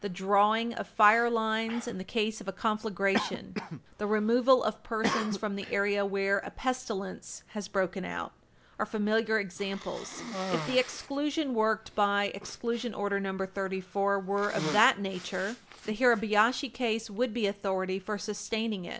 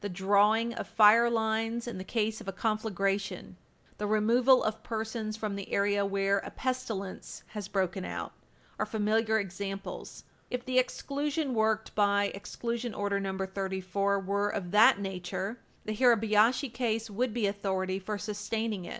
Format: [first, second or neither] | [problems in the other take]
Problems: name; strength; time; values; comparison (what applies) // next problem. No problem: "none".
second | background sound (Cough); 12 dB below the speech